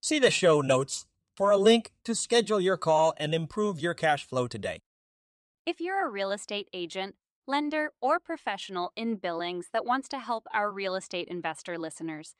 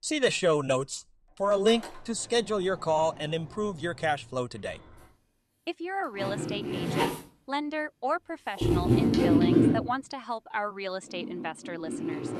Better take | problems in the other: first | household noises; very loud; throughout; 3 dB above the speech

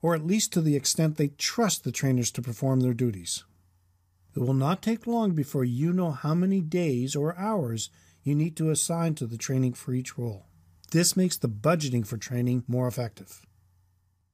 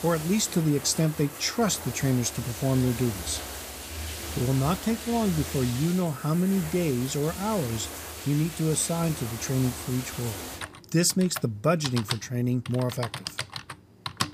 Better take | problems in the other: first | household noises; loud; throughout; 9 dB below the speech

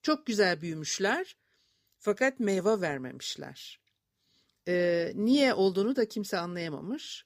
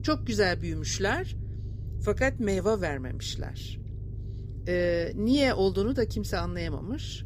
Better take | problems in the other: first | low rumble; faint; throughout; 20 dB below the speech

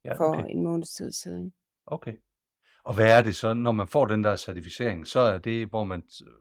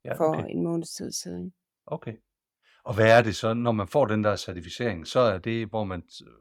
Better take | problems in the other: second | garbled, watery; slightly

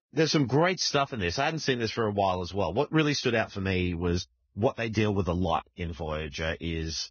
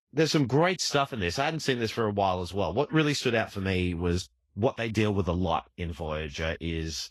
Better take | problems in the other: second | garbled, watery; badly; nothing above 6.5 kHz; slightly in the second

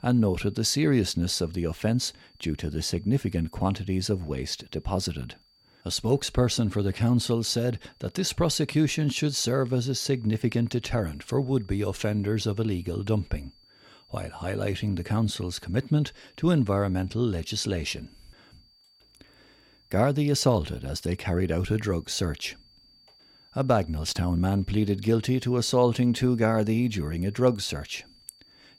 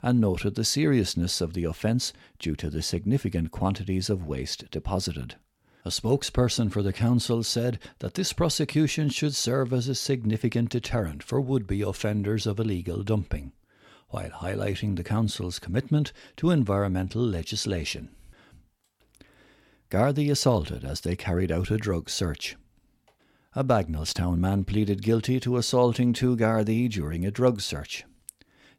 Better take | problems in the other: second | high-pitched whine; faint; throughout; 4.5 kHz, 30 dB below the speech

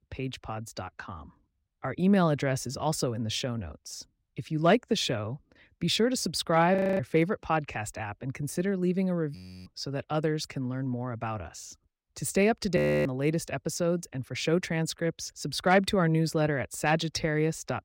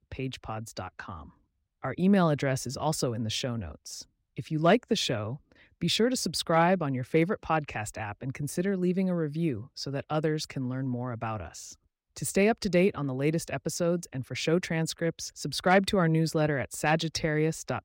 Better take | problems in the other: second | audio freezing; at 7 s, at 9.5 s and at 13 s

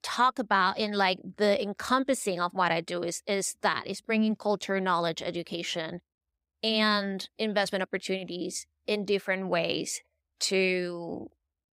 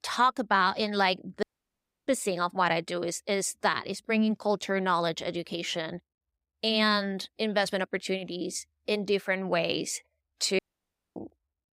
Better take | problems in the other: first | audio cutting out; at 1.5 s for 0.5 s and at 11 s for 0.5 s

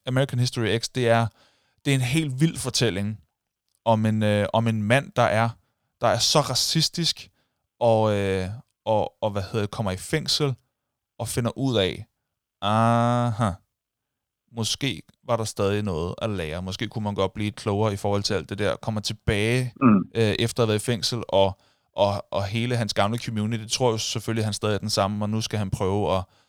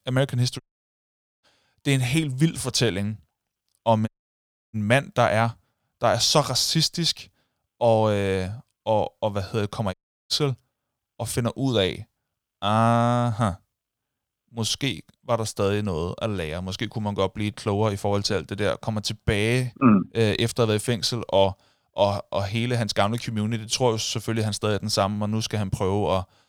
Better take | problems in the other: first | audio cutting out; at 0.5 s for 1 s, at 4 s for 0.5 s and at 10 s

